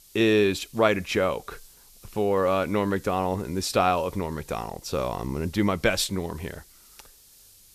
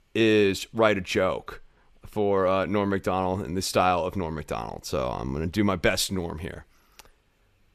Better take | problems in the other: second | hiss; faint; throughout; 25 dB below the speech

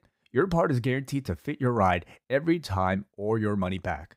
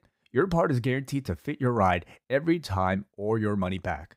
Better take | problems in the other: neither | none

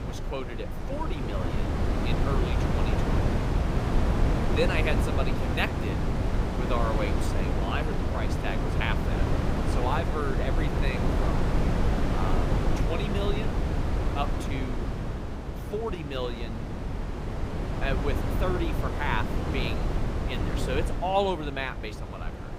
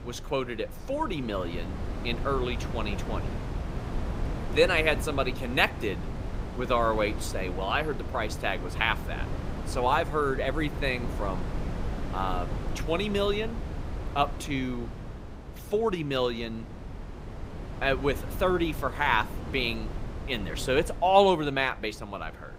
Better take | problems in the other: second | wind noise on the microphone; heavy; 1 dB below the speech; occasional gusts in the second

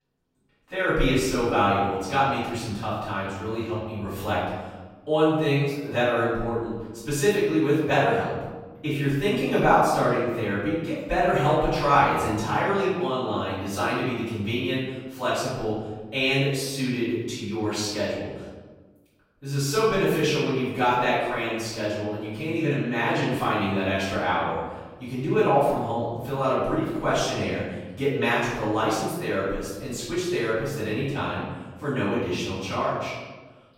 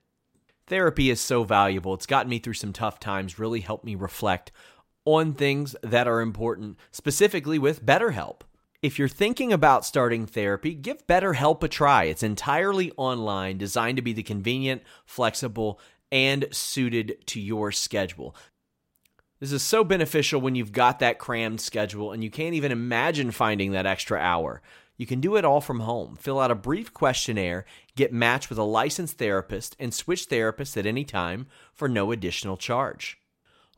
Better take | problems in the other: second | off-mic speech; far // room echo; strong; dies away in 1.2 s

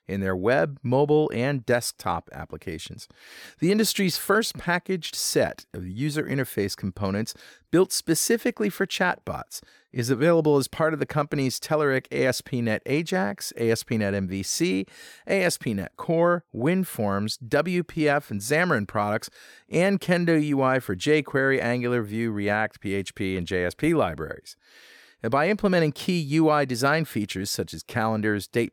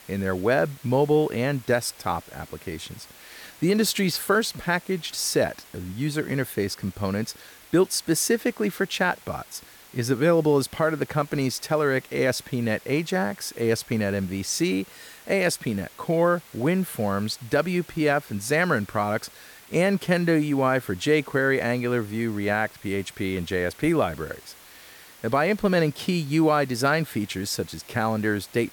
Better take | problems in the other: first | hiss; faint; throughout; 20 dB below the speech

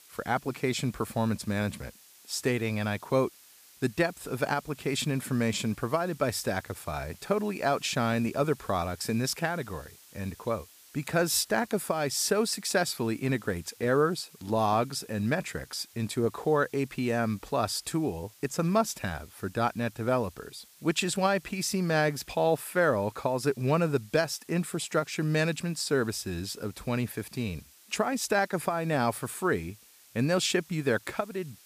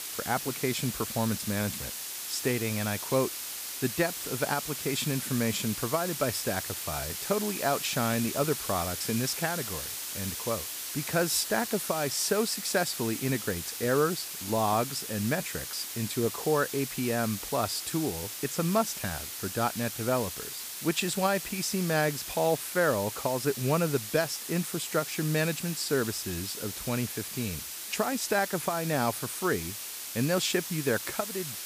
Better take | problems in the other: first | hiss; loud; throughout; 5 dB below the speech; faint in the first

